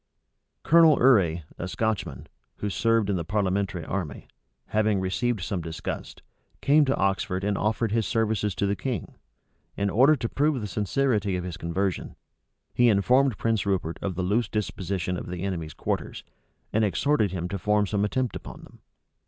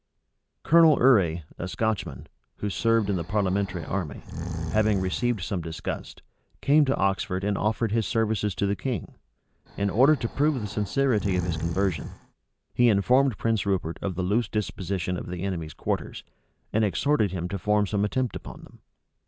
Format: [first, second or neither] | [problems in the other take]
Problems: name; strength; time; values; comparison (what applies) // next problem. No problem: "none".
first | background sound (Breathing); 9 dB below the speech